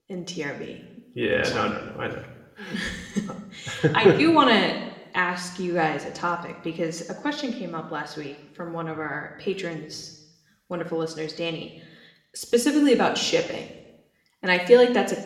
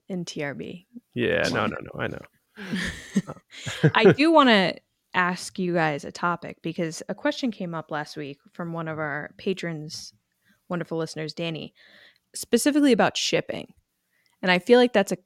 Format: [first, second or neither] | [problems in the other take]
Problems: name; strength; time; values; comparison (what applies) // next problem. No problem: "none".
second | room echo; slight; dies away in 0.8 s